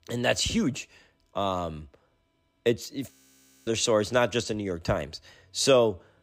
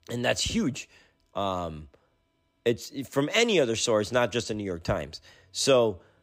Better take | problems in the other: second | audio freezing; at 3 s for 0.5 s

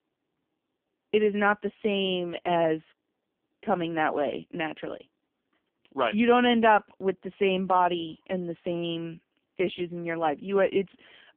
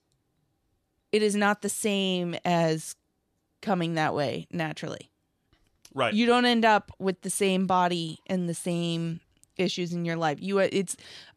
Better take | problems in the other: second | phone-call audio; poor line; nothing above 3 kHz

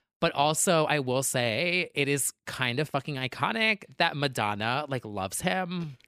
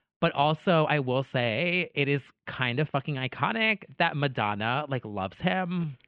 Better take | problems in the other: first | muffled; very; fading above 3 kHz

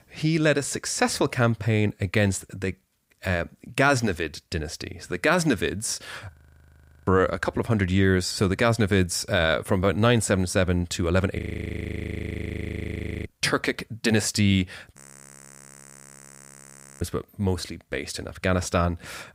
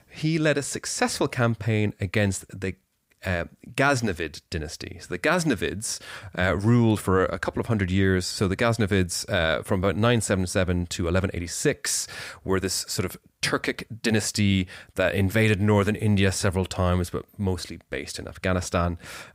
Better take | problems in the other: second | audio freezing; at 6.5 s for 0.5 s, at 11 s for 2 s and at 15 s for 2 s

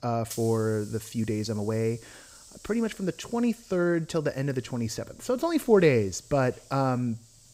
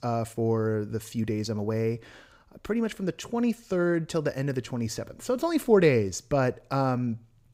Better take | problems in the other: second | hiss; faint; throughout; 20 dB below the speech

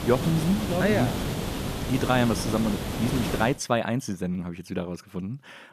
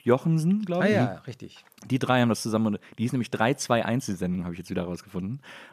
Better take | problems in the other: second | hiss; loud; until 3.5 s; 4 dB below the speech

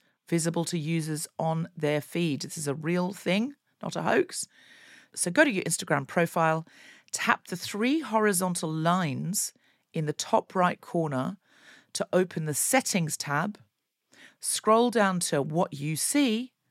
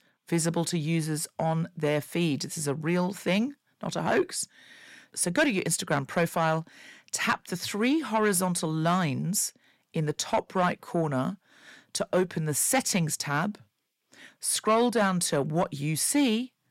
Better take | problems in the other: first | distortion; slight; 10 dB below the speech

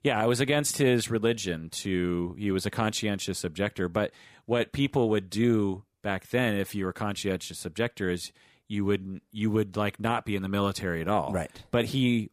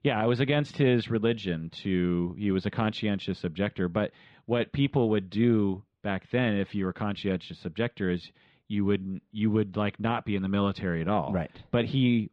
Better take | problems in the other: first | muffled; slightly; fading above 3.5 kHz

